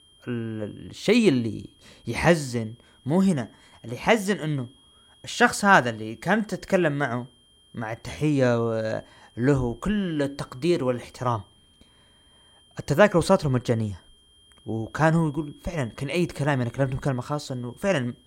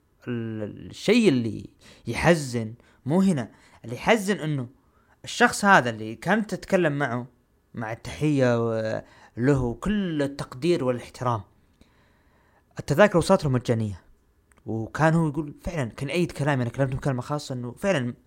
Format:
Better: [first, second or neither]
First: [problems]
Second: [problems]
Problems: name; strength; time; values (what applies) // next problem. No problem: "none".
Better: second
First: high-pitched whine; faint; throughout; 3 kHz, 30 dB below the speech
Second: none